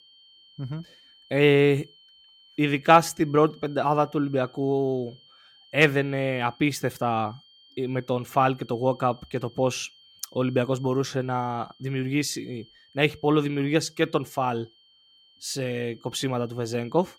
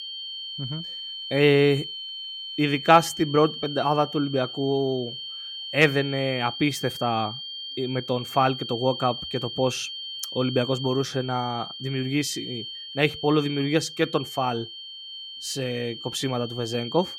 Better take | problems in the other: first | high-pitched whine; loud; throughout; 3 kHz, 9 dB below the speech; faint in the first

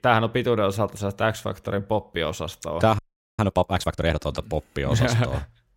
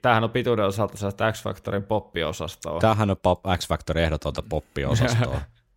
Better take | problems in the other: second | audio freezing; at 3 s

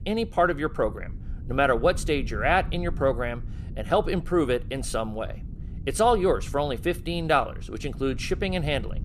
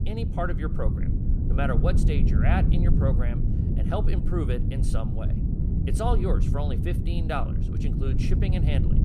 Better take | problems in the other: first | low rumble; loud; throughout; 4 dB below the speech; faint in the first

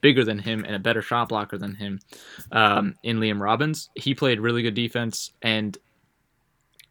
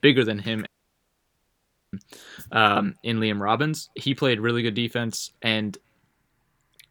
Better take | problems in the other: first | audio cutting out; at 0.5 s for 1.5 s

